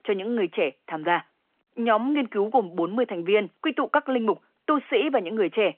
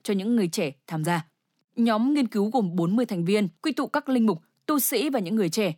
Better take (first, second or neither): second